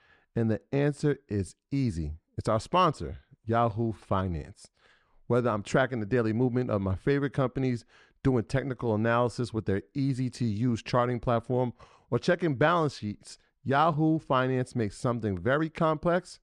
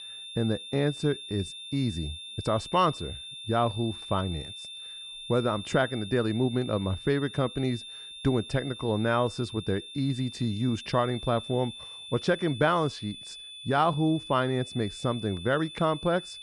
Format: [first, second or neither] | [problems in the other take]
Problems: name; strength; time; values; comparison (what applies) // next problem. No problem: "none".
first | high-pitched whine; noticeable; throughout; 3.5 kHz, 10 dB below the speech